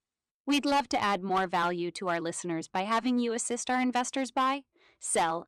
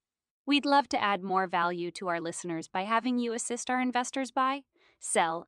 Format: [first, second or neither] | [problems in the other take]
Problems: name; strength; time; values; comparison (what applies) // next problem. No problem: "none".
second | distortion; slight; 6% of the sound clipped